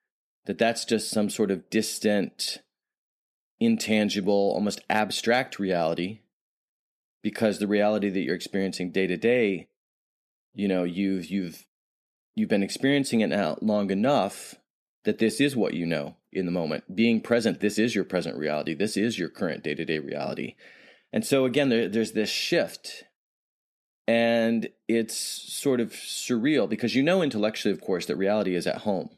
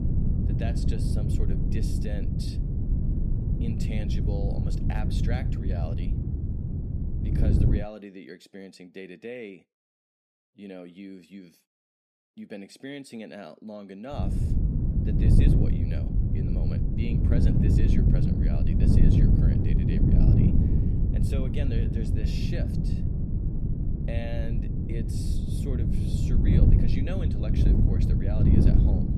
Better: first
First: none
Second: wind noise on the microphone; heavy; until 8 s and from 14 s on; 5 dB above the speech

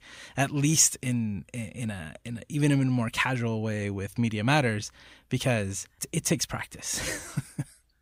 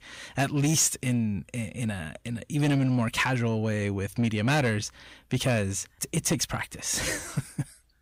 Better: first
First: none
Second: distortion; slight; 10 dB below the speech

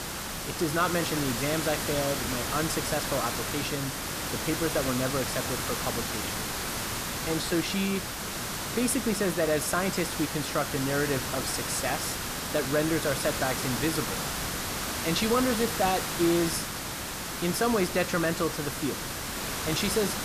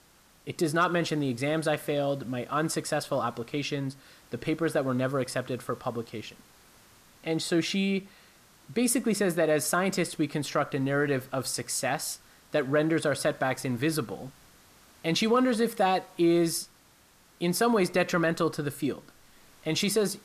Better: second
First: hiss; loud; throughout; 2 dB below the speech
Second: hiss; faint; throughout; 30 dB below the speech

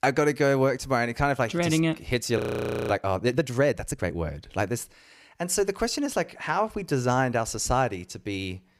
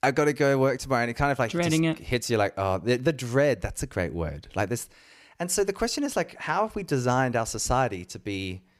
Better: second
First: audio freezing; at 2.5 s for 0.5 s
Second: none

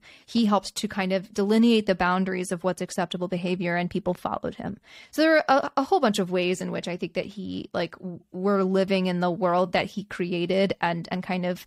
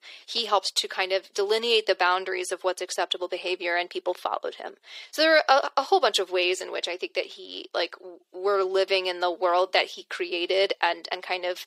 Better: first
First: none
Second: thin; very; fading below 350 Hz

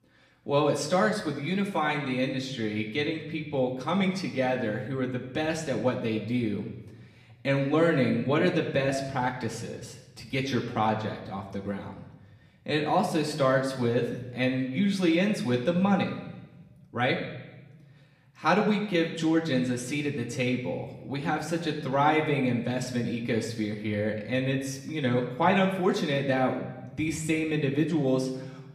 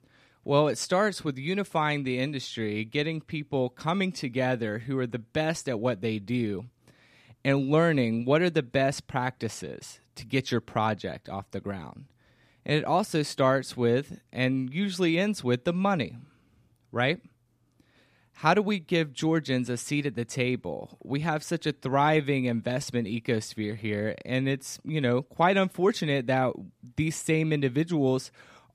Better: second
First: room echo; slight; dies away in 0.9 s // off-mic speech; somewhat distant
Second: none

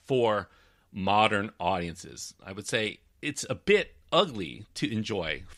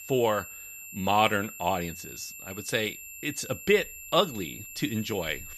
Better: first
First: none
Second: high-pitched whine; noticeable; throughout; 7.5 kHz, 10 dB below the speech

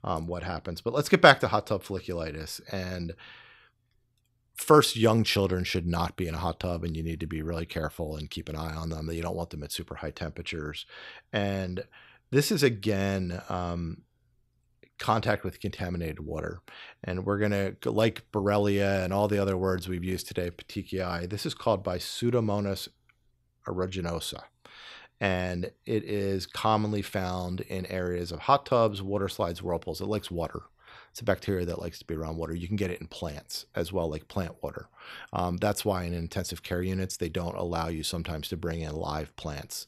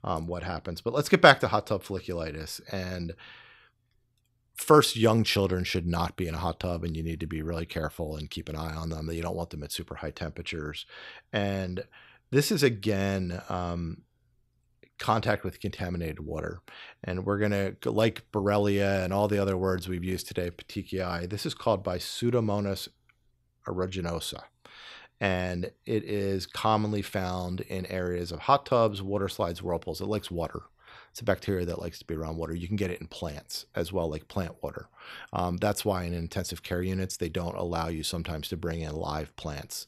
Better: neither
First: none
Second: none

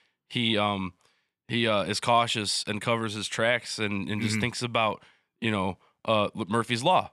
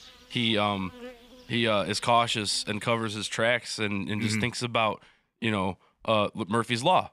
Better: first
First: none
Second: animal sounds; faint; throughout; 25 dB below the speech

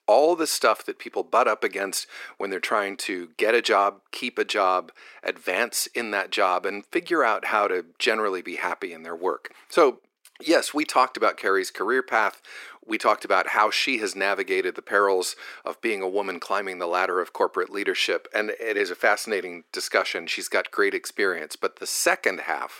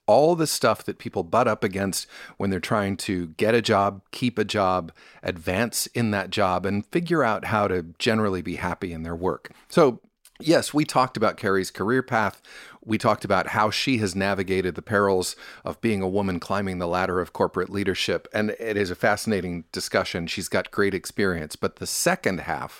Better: second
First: thin; somewhat; fading below 350 Hz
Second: none

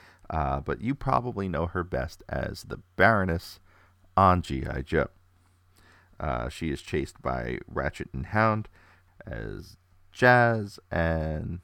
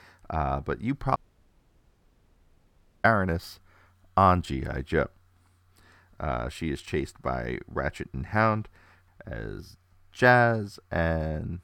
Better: first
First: none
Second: audio cutting out; at 1 s for 2 s

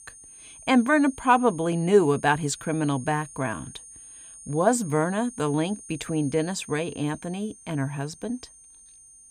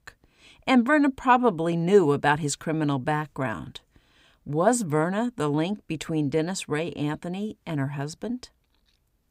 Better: second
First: high-pitched whine; noticeable; throughout; 9 kHz, 20 dB below the speech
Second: none

